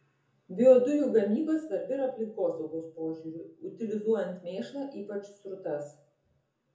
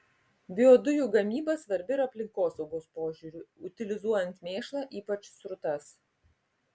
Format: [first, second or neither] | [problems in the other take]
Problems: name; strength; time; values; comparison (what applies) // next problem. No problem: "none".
second | room echo; dies away in 0.6 s